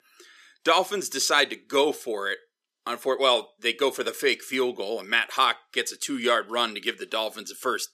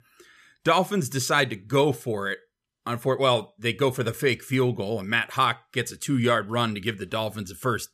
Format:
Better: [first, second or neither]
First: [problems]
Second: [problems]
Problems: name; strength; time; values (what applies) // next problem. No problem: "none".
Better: second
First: thin; somewhat; fading below 300 Hz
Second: none